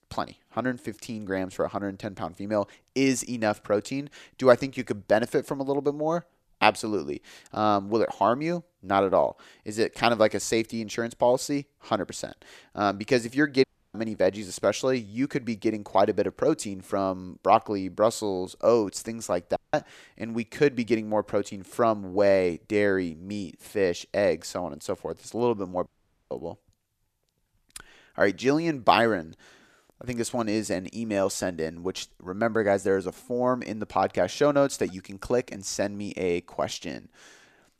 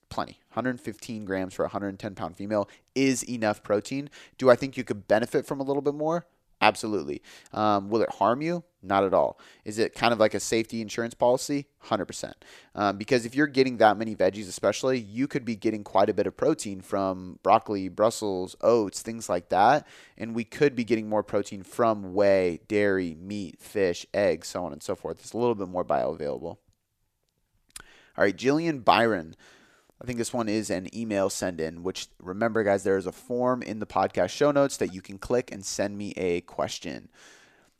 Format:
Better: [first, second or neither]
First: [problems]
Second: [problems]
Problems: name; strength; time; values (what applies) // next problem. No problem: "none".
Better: second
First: audio cutting out; at 14 s, at 20 s and at 26 s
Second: none